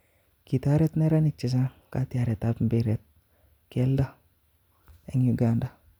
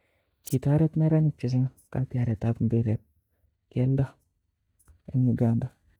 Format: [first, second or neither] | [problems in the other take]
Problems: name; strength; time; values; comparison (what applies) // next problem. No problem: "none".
first | noise reduction (neural mask model DeepFilterNet 3)